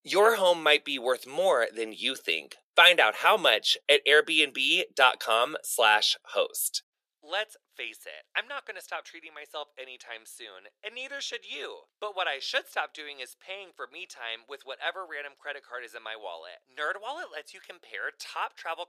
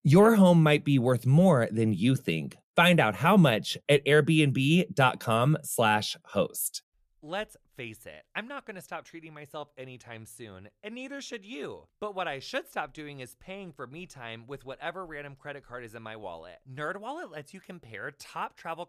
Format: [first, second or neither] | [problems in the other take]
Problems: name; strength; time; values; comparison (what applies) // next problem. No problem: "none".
second | thin; very; fading below 450 Hz